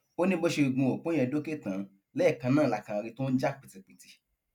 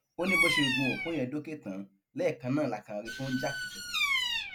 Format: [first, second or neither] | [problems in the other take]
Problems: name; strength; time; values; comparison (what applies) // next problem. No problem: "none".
first | background sound (Bird vocalization, bird call, bird song); as loud as the speech